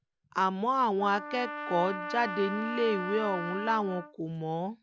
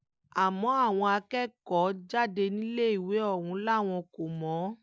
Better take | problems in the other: second | background sound (Trumpet); 9 dB below the speech

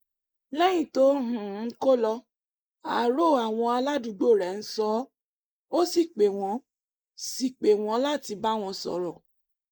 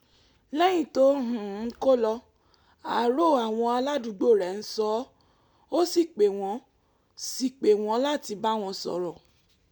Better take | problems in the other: second | noise reduction (neural mask model Resemble Enhance denoiser)

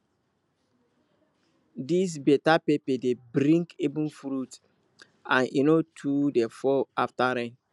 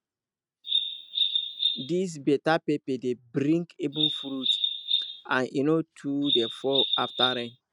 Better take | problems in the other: first | noise reduction (neural mask model RNNoise)

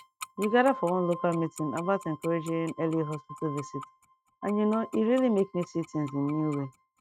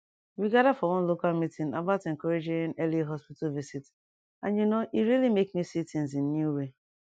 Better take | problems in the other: second | noise reduction (neural mask model RNNoise)

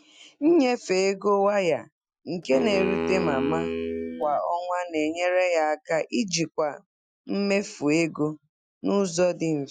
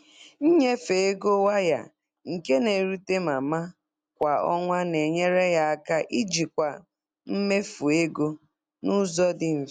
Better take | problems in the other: second | noise reduction (classical method Wiener filter)

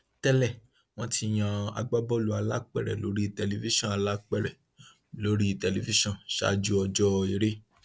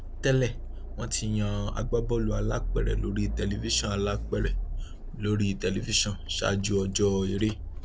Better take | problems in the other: first | background sound (Accelerating, revving, vroom); 4 dB below the speech

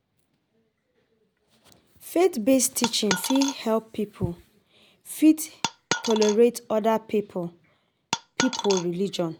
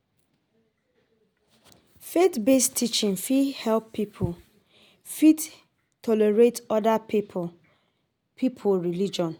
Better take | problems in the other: second | background sound (Coin (dropping)); 4 dB below the speech

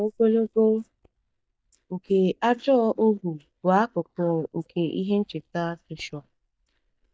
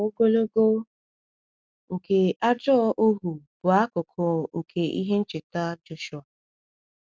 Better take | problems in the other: second | noise reduction (neural mask model DeepFilterNet 3)

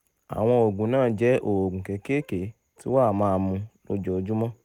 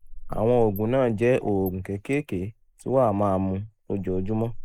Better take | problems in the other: first | noise reduction (neural mask model Resemble Enhance denoiser)

